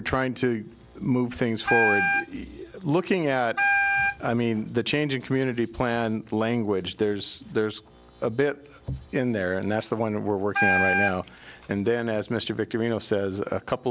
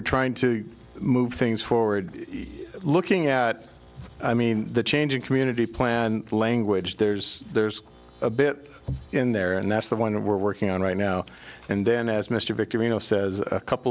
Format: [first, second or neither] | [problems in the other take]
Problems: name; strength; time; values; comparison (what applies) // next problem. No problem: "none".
second | background sound (Wind instrument, woodwind instrument); 1 dB above the speech